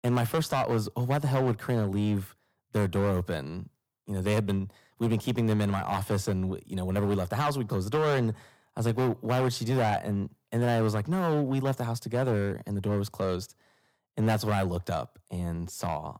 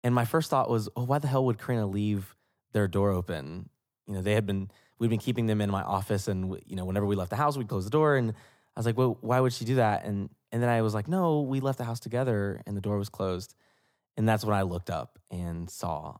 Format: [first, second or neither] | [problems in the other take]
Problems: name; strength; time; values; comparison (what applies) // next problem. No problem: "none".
second | distortion; slight; 10% of the sound clipped